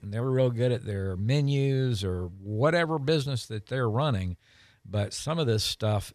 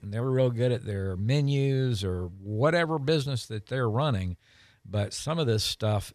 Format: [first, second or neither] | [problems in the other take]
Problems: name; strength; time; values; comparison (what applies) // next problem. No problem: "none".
neither | none